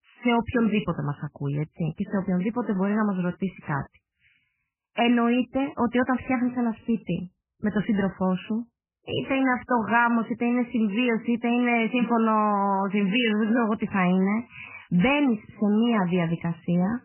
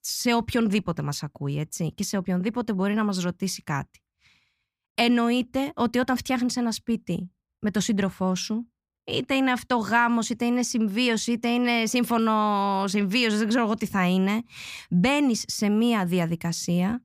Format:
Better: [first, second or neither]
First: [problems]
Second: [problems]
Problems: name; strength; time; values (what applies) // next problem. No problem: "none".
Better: second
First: garbled, watery; badly; nothing above 3 kHz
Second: none